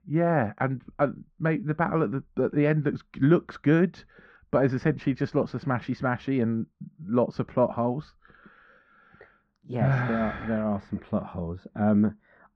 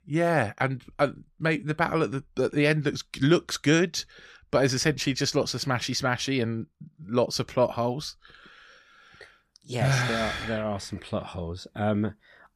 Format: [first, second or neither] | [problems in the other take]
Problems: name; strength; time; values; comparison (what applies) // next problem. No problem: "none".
second | muffled; very; fading above 1.5 kHz